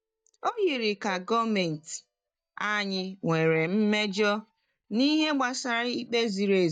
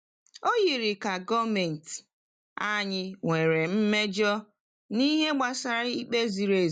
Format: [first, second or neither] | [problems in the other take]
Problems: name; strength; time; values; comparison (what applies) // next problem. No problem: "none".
second | noise reduction (neural mask model DeepFilterNet 3)